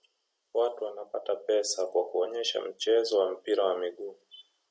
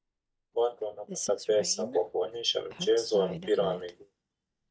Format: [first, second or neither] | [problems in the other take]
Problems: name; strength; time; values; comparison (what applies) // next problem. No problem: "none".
first | noise reduction (neural mask model DeepFilterNet 3)